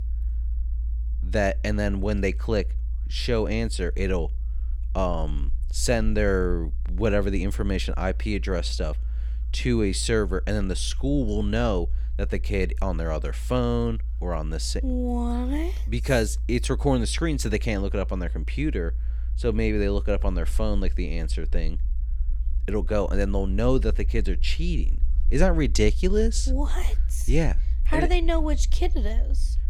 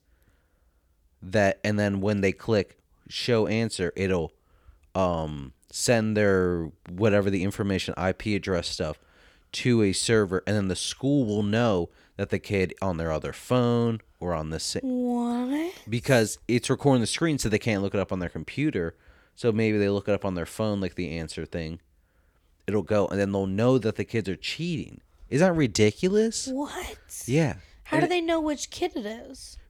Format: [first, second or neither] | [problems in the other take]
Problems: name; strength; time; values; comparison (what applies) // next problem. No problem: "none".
second | low rumble; faint; throughout; 25 dB below the speech